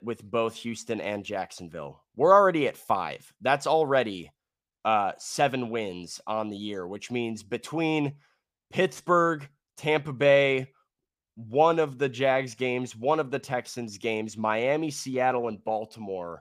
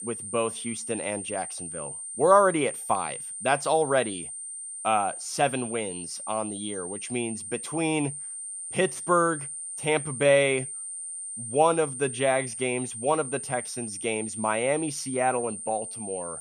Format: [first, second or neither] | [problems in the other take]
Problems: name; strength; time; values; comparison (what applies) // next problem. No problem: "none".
first | high-pitched whine; loud; throughout; 9 kHz, 7 dB below the speech